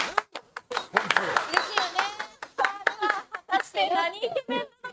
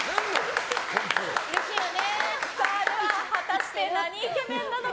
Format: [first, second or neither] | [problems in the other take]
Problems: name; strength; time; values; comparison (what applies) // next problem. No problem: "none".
second | noise reduction (neural mask model RNNoise)